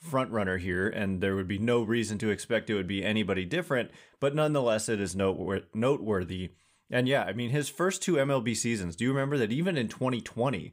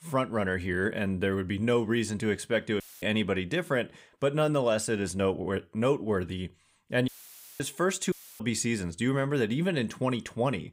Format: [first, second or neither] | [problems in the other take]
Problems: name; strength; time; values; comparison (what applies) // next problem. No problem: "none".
first | audio cutting out; filled with static; at 3 s, at 7 s for 0.5 s and at 8 s